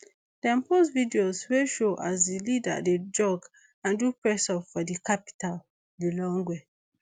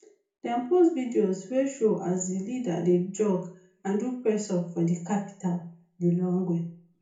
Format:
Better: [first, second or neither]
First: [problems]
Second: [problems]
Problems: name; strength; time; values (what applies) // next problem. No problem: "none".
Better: first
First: none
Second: room echo; dies away in 0.6 s